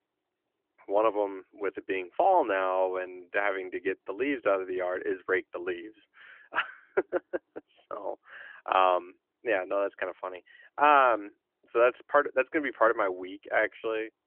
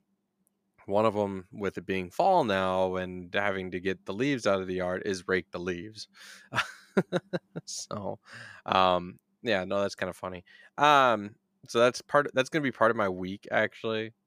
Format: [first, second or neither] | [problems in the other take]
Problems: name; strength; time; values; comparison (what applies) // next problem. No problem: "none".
second | phone-call audio